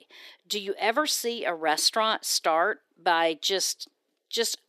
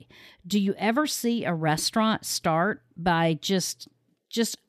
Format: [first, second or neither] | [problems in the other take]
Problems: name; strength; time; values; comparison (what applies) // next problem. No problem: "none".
second | thin; very; fading below 350 Hz